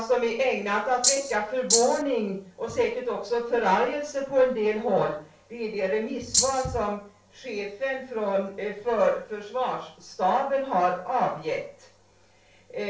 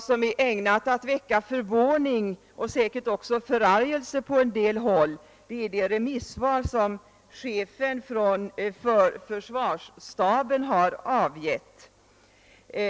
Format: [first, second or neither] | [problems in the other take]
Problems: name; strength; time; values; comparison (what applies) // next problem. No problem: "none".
second | background sound (Rattle (instrument)); 3 dB above the speech // room echo; dies away in 0.4 s